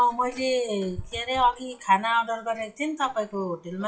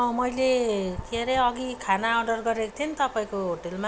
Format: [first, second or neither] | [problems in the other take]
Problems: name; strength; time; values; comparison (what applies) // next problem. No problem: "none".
second | noise reduction (classical method WPE with log-MMSE)